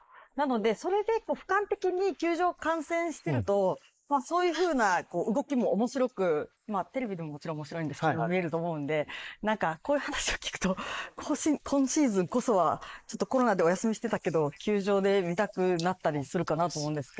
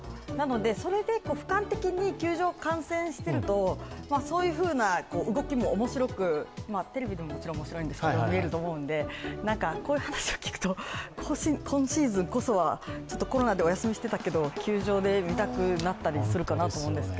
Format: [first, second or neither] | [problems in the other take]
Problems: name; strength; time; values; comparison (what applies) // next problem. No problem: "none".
second | noise reduction (neural mask model Resemble Enhance denoiser)